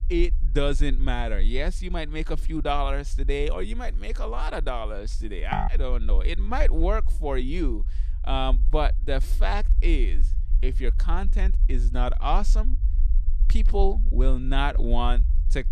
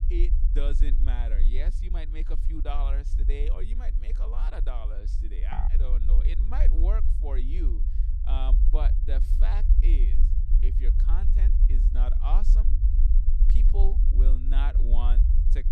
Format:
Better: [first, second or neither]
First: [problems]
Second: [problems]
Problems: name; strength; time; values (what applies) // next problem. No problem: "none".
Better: first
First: low rumble; faint; throughout; 20 dB below the speech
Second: low rumble; loud; throughout; 6 dB below the speech